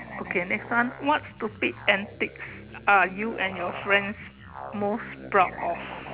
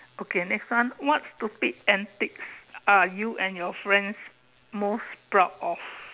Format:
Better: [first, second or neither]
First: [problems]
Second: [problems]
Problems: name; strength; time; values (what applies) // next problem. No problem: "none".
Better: second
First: background sound (Musical instrument); 13 dB below the speech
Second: none